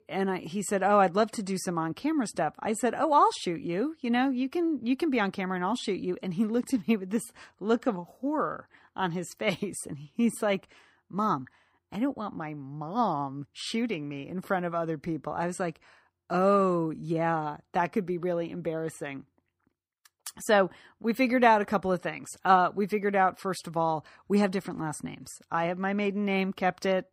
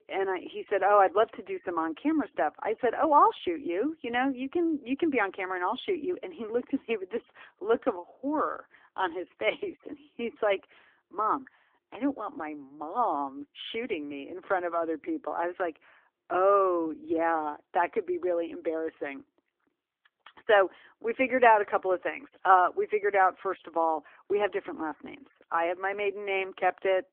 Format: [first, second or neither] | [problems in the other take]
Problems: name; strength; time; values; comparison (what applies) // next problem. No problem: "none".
first | phone-call audio; nothing above 3.5 kHz